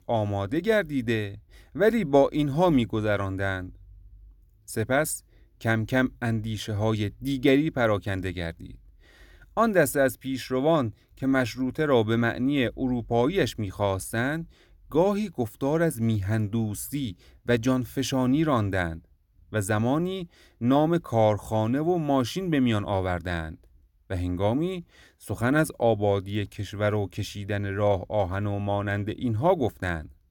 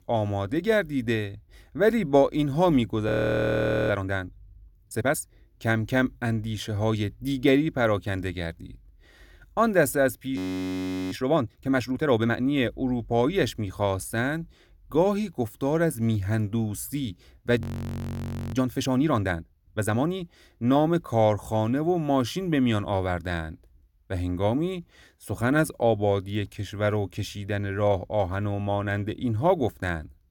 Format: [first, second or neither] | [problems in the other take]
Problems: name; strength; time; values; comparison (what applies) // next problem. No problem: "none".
first | audio freezing; at 3 s for 1 s, at 10 s for 1 s and at 18 s for 1 s